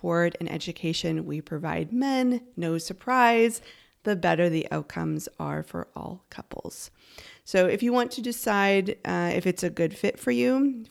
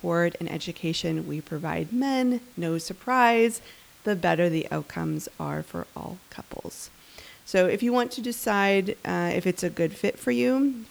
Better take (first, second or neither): first